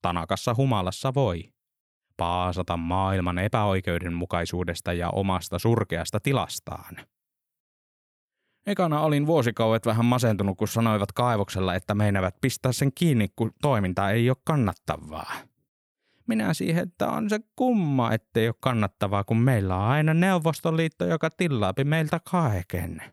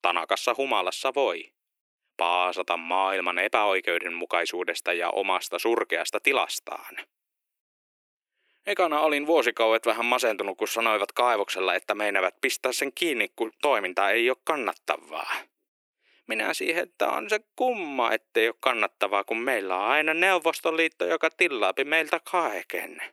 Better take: first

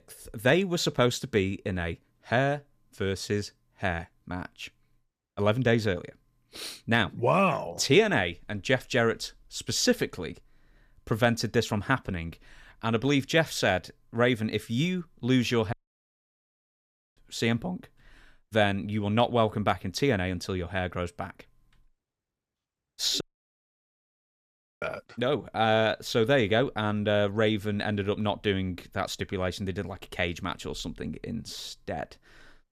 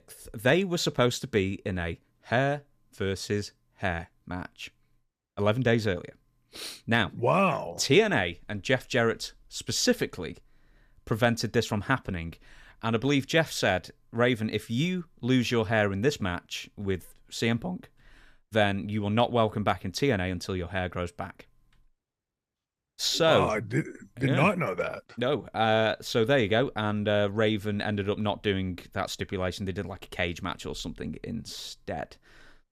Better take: second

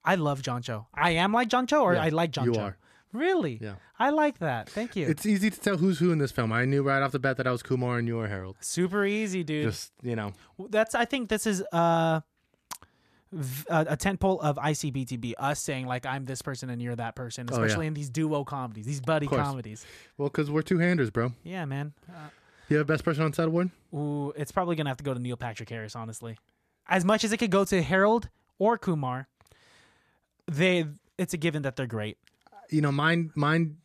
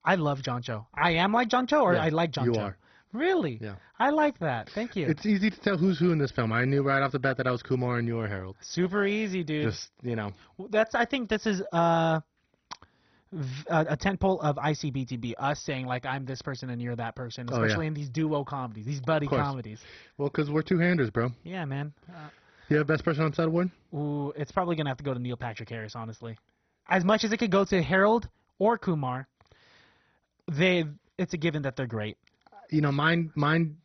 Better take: first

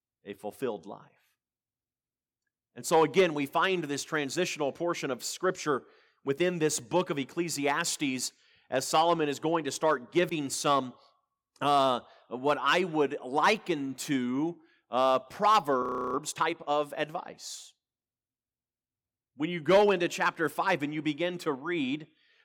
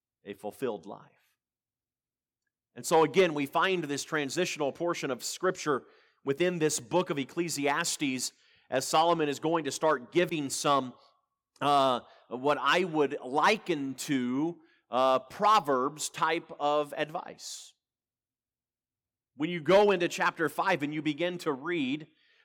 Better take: second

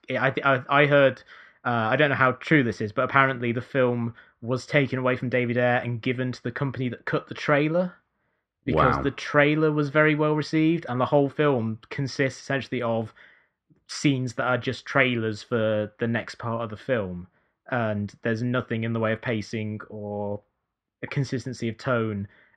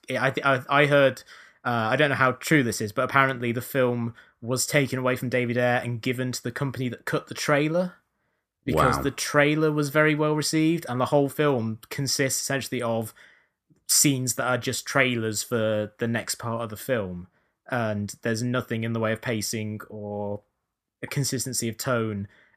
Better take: second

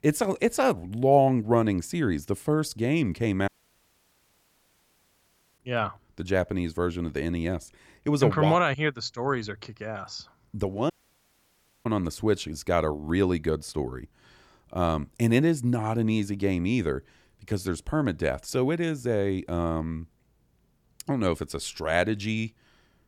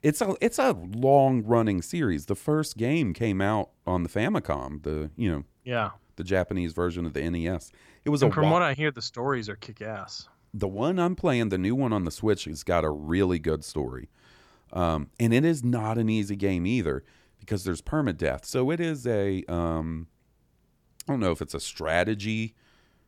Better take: second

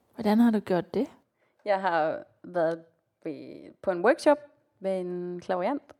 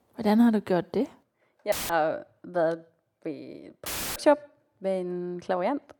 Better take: first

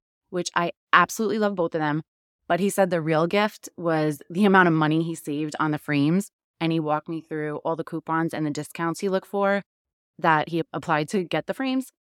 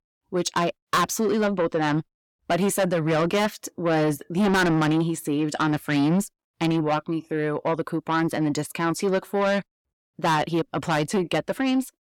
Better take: first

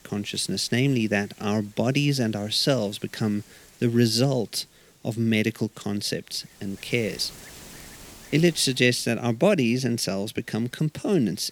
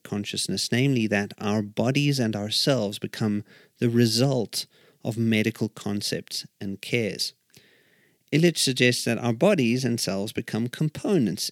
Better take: second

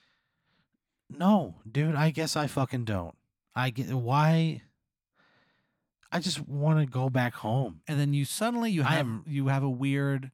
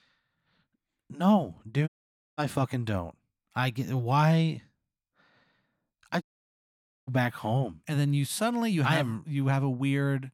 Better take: first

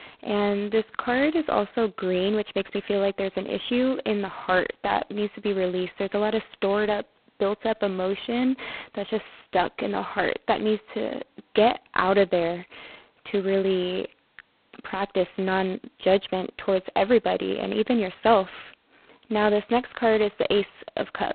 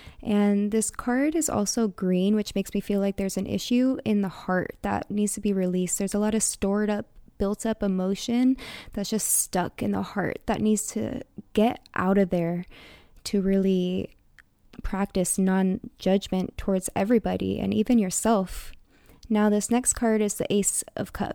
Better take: second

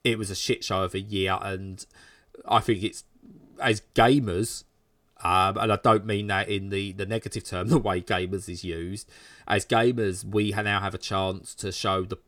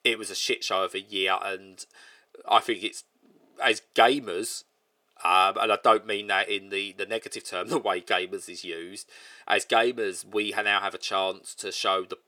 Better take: first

